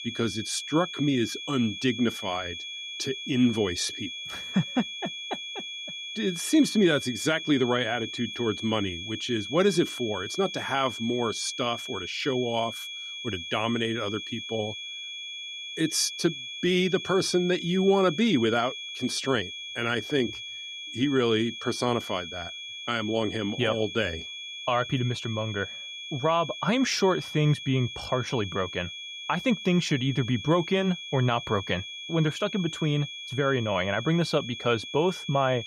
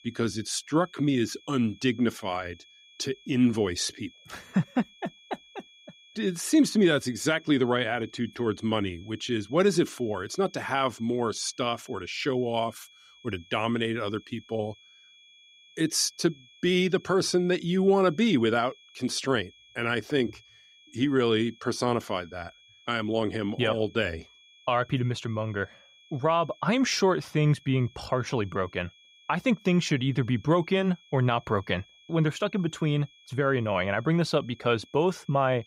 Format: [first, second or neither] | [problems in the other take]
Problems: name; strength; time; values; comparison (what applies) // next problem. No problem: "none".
second | high-pitched whine; loud; throughout; 3.5 kHz, 8 dB below the speech; faint in the second